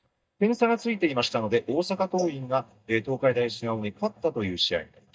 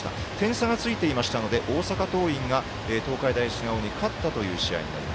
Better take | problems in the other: second | noise reduction (neural mask model DeepFilterNet 3)

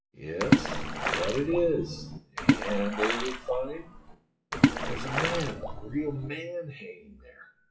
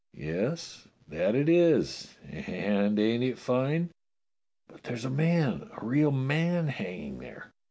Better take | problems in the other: second | noise reduction (classical method WPE with log-MMSE)

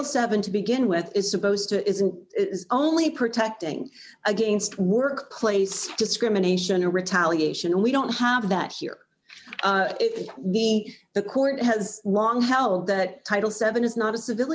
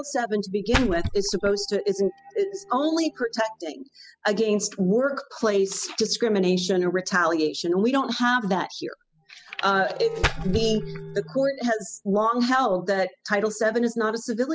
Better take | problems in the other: first | noise reduction (classical method spectral subtraction)

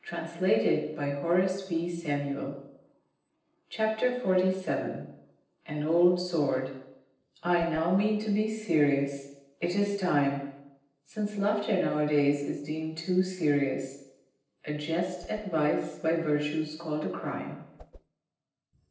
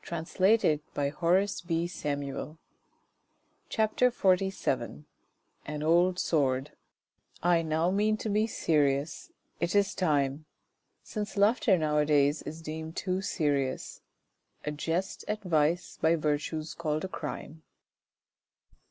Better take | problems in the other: second | noise reduction (neural separator model SepFormer DNS4)

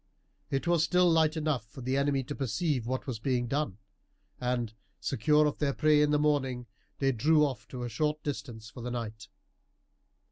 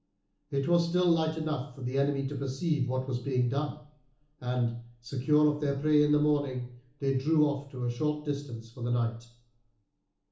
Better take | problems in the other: first | room echo; dies away in 0.8 s

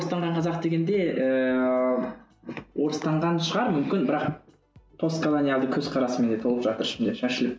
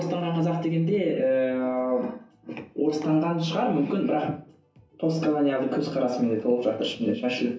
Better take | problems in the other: first | room echo; dies away in 0.3 s

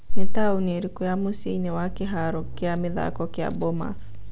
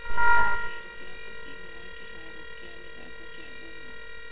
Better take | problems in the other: first | noise reduction (neural separator model SepFormer WHAMR!)

